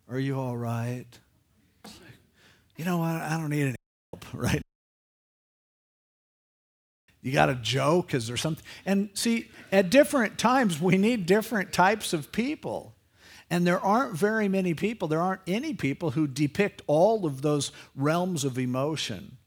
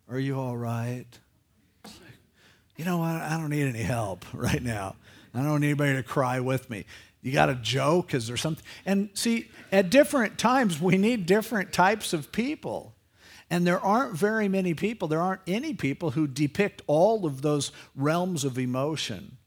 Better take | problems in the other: second | audio cutting out; at 4 s and at 4.5 s for 2.5 s

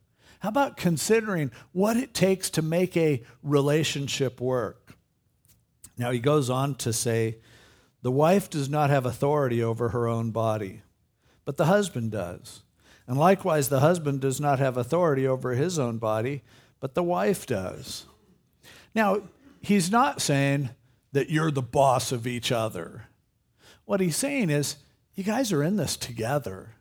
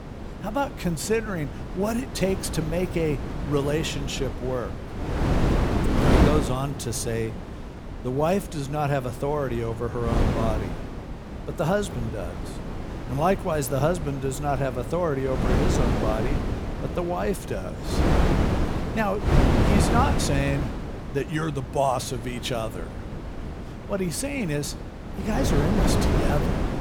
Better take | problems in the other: first | wind noise on the microphone; heavy; 4 dB below the speech

